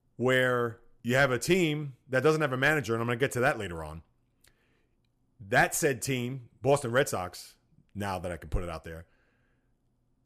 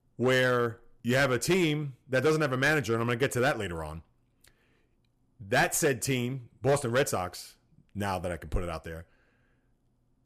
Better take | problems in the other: first | distortion; slight; 4% of the sound clipped

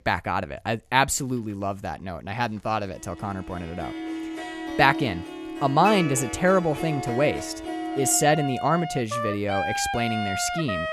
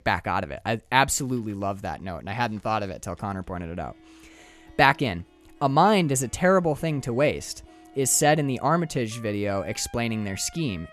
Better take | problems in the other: second | background music; loud; from 3.5 s on; 6 dB below the speech; faint in the second

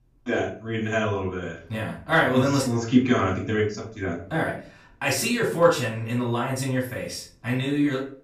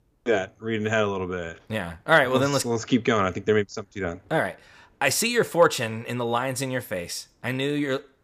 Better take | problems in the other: second | off-mic speech; far // room echo; slight; dies away in 0.4 s

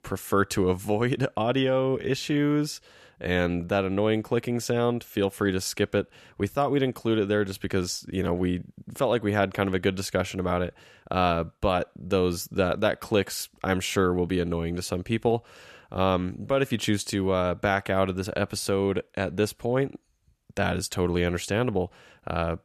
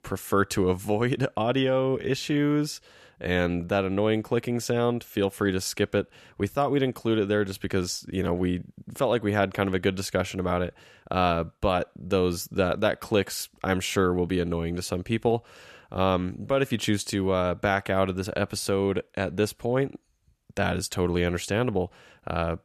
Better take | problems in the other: neither | none

